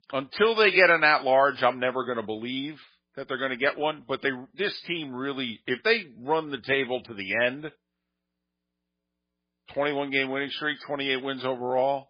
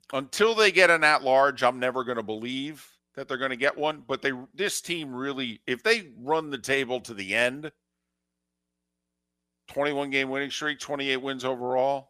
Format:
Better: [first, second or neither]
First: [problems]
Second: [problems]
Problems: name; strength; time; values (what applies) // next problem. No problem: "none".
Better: second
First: garbled, watery; badly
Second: none